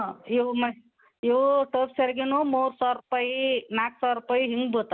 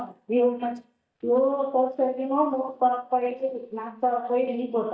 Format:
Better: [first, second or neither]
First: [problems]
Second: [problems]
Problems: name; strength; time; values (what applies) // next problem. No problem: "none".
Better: first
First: none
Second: noise reduction (neural mask model DeepFilterNet 3)